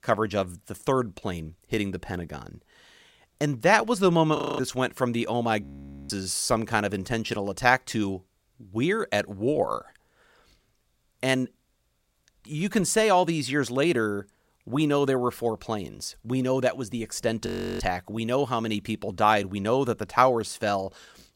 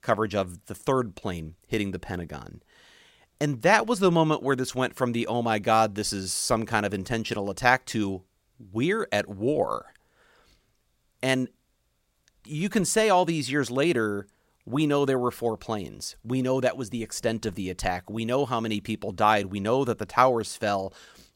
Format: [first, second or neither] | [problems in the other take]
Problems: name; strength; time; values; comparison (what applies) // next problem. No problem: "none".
second | audio freezing; at 4.5 s, at 5.5 s and at 17 s